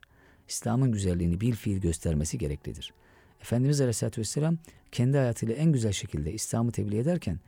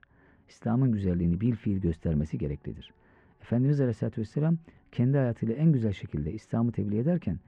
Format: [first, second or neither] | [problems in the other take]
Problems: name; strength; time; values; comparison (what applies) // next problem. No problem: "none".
first | muffled; very; fading above 2 kHz